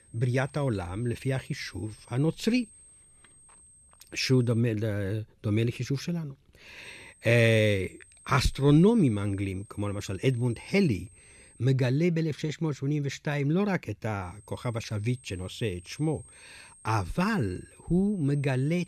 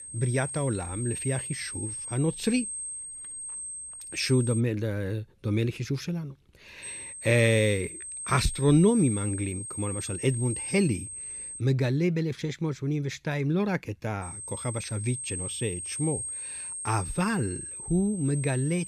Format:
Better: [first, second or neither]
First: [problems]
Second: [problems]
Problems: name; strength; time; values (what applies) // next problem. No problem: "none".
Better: first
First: high-pitched whine; faint; until 4.5 s, from 7 to 12 s and from 14 s on; 8.5 kHz, 25 dB below the speech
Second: high-pitched whine; loud; until 4.5 s, from 7 to 12 s and from 14 s on; 8.5 kHz, 7 dB below the speech